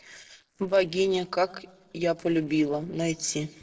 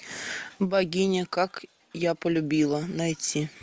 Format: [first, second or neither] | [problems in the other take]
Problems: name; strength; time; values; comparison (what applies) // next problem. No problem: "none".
second | noise reduction (neural separator model SepFormer DNS4)